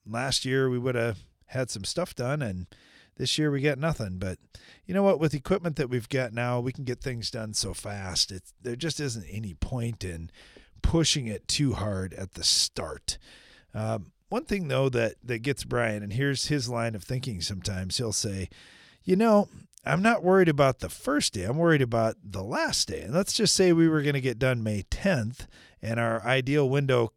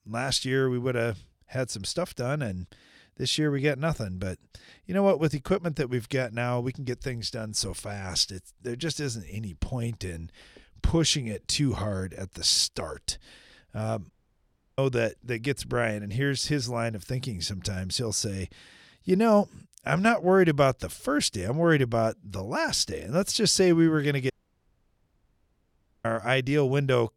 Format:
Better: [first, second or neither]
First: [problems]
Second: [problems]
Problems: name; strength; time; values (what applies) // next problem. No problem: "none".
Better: first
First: none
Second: audio cutting out; at 14 s for 0.5 s and at 24 s for 1.5 s